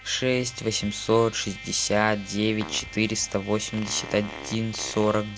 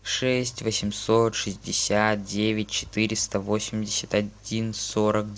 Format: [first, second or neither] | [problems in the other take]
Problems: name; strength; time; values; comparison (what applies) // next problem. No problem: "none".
second | background sound (Trumpet + Fart); 15 dB below the speech